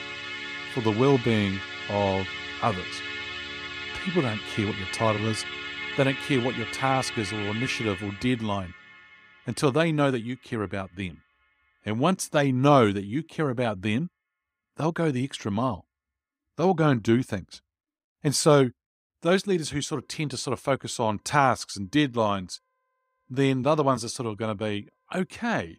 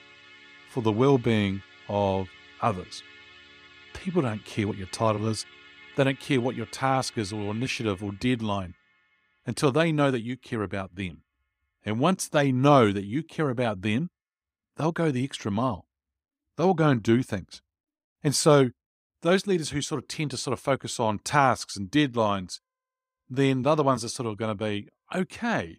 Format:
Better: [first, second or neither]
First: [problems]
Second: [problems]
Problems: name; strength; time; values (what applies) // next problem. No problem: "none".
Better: second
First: background music; loud; throughout; 7 dB below the speech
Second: background music; faint; throughout; 20 dB below the speech